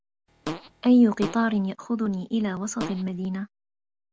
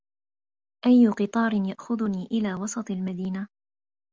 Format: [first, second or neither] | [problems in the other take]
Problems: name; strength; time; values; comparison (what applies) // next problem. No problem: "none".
second | background sound (Fart); 11 dB below the speech